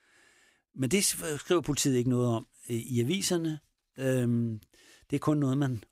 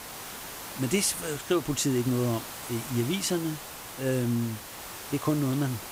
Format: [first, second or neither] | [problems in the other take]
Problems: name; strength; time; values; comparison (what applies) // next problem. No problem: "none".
first | hiss; loud; throughout; 10 dB below the speech